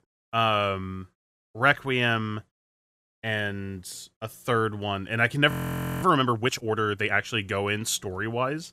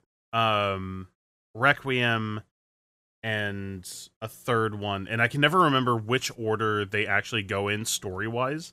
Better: second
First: audio freezing; at 5.5 s for 0.5 s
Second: none

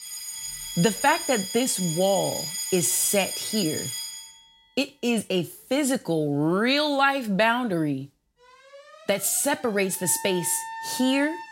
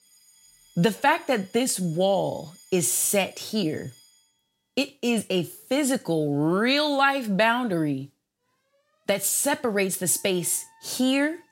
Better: second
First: alarms or sirens; loud; throughout; 7 dB below the speech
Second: alarms or sirens; faint; throughout; 30 dB below the speech

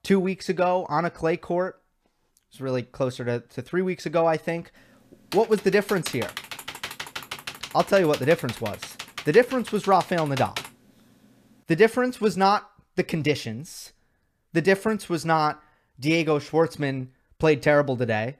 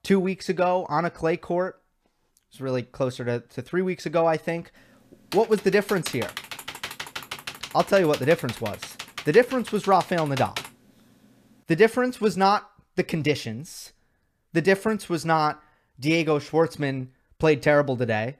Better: neither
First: keyboard typing; noticeable; from 5.5 to 11 s; peak 9 dB below the speech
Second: keyboard typing; noticeable; from 5.5 to 11 s; peak 9 dB below the speech

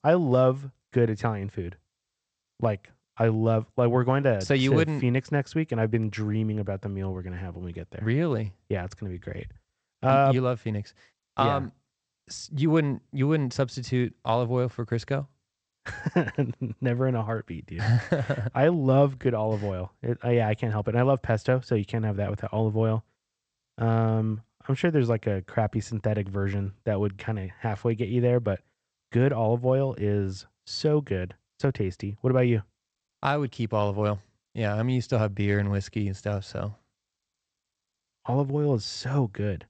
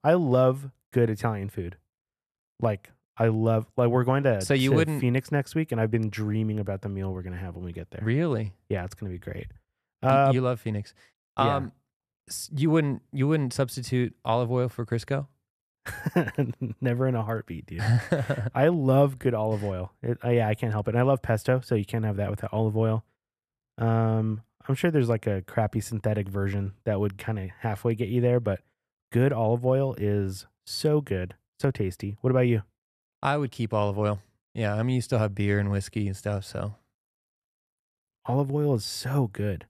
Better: second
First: garbled, watery; slightly; nothing above 8 kHz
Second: none

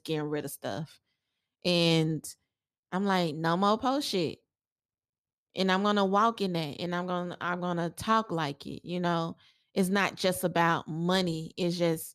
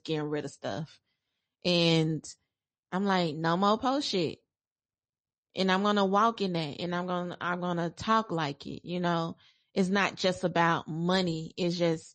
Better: first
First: none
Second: garbled, watery; slightly; nothing above 8 kHz

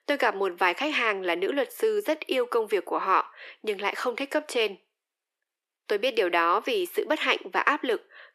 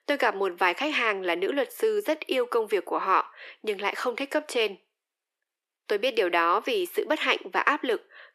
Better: neither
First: thin; somewhat; fading below 350 Hz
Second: thin; somewhat; fading below 350 Hz

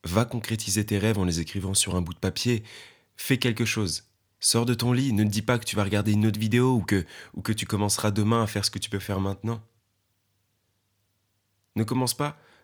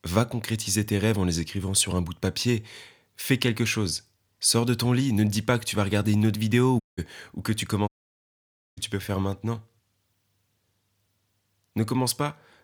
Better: first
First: none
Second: audio cutting out; at 7 s and at 8 s for 1 s

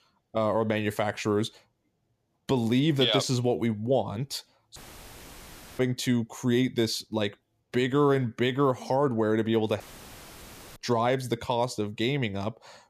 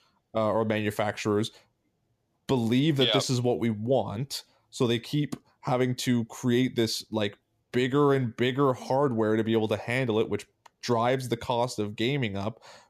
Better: second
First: audio cutting out; filled with static; at 5 s for 1 s and at 10 s for 1 s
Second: none

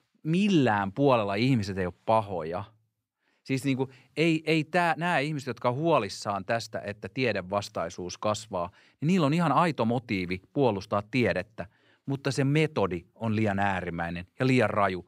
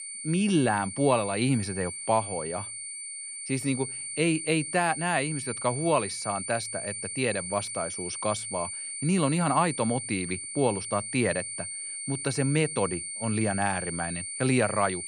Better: first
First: none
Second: high-pitched whine; loud; throughout; 9 kHz, 5 dB below the speech

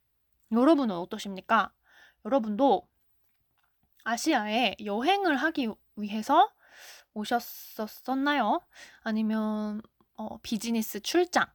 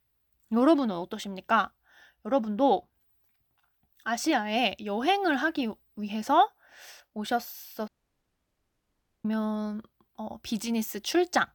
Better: first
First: none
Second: audio cutting out; at 8 s for 1.5 s

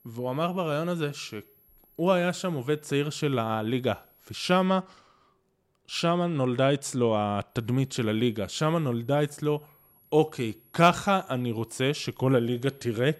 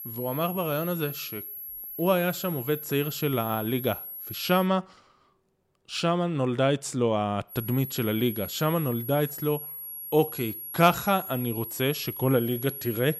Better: first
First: high-pitched whine; faint; until 4.5 s and from 7.5 s on; 11.5 kHz, 30 dB below the speech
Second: high-pitched whine; loud; until 4.5 s and from 7.5 s on; 11.5 kHz, 8 dB below the speech

